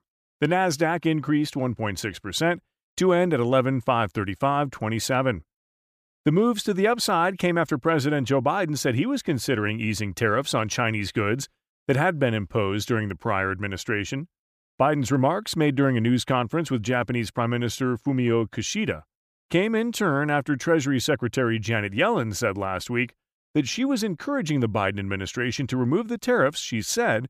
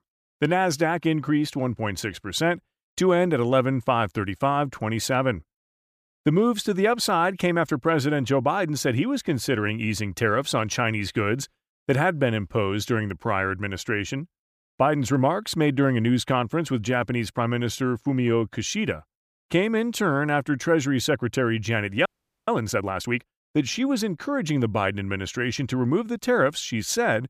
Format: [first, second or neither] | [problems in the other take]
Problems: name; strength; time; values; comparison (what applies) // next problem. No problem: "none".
first | audio freezing; at 22 s